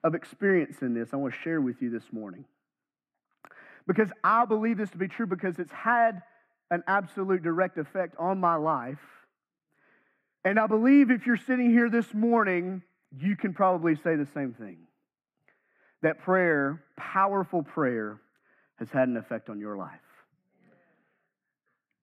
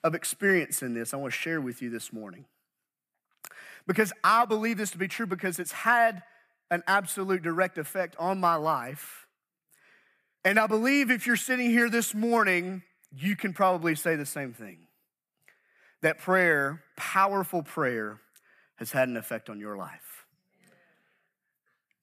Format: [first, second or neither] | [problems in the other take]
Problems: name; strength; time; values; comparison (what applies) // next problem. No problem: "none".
second | muffled; very; fading above 3.5 kHz